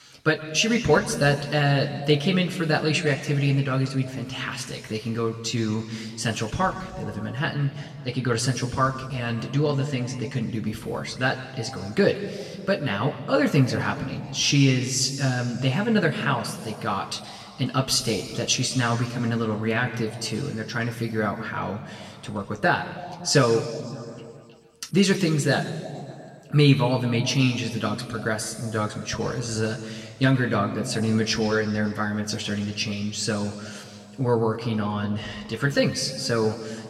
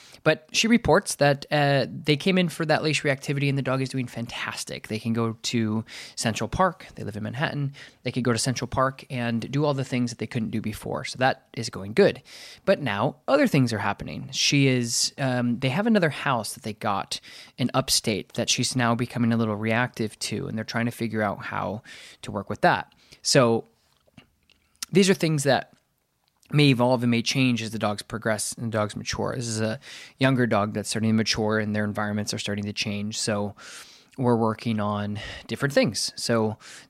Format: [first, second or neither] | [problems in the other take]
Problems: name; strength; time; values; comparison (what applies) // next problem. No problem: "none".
second | room echo; slight; dies away in 1.9 s // off-mic speech; somewhat distant